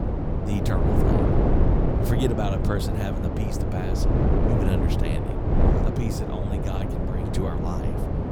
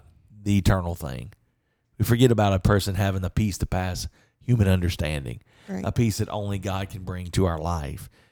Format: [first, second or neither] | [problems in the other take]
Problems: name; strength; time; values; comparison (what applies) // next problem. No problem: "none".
second | wind noise on the microphone; heavy; 4 dB above the speech